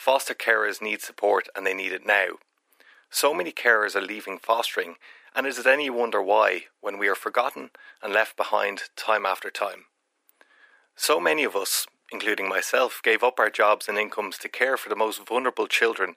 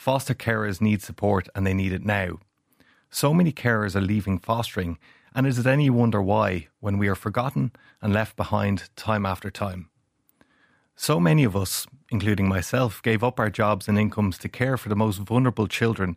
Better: second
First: thin; very; fading below 350 Hz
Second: none

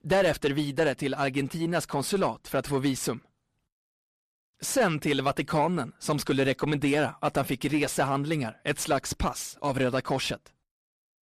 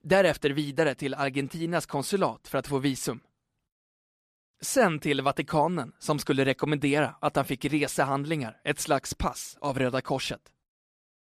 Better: second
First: distortion; slight; 10 dB below the speech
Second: none

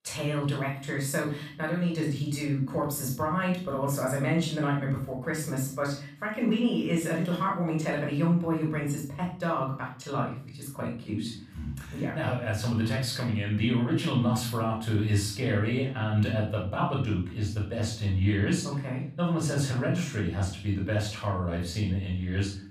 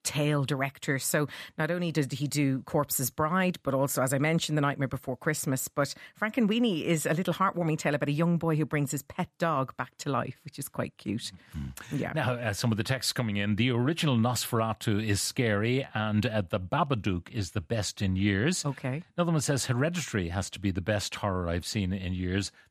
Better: second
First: off-mic speech; far // room echo; noticeable; dies away in 0.5 s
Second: none

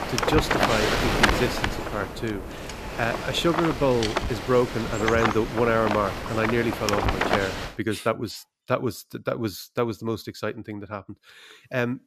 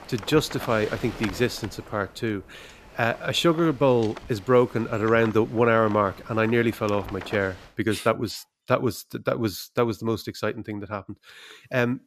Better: second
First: wind noise on the microphone; heavy; until 7.5 s; 1 dB above the speech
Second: wind noise on the microphone; occasional gusts; until 7.5 s; 15 dB below the speech

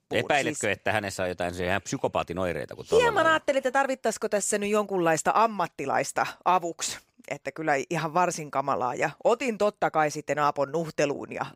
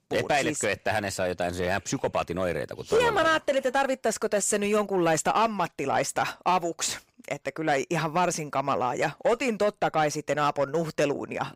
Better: first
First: none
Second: distortion; slight; 10 dB below the speech

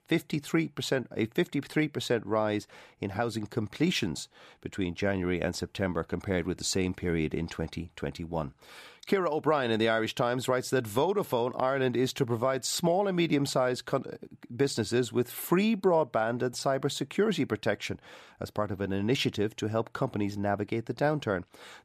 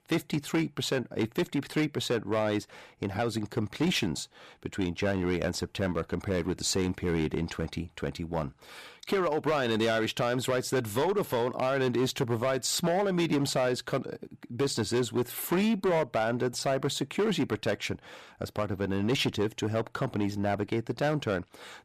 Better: first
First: none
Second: distortion; slight; 8% of the sound clipped

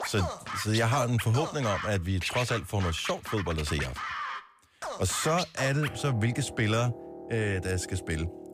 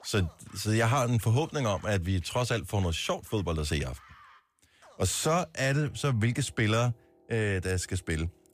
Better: second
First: background music; loud; throughout; 8 dB below the speech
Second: background music; faint; throughout; 25 dB below the speech

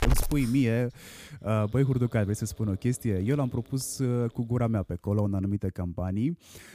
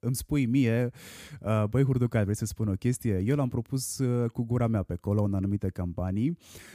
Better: second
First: hiss; loud; until 5 s; 7 dB below the speech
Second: none

